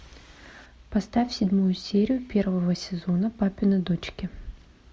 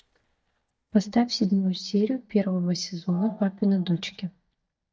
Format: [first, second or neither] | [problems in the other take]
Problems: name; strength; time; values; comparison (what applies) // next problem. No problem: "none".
first | noise reduction (neural mask model DeepFilterNet 3)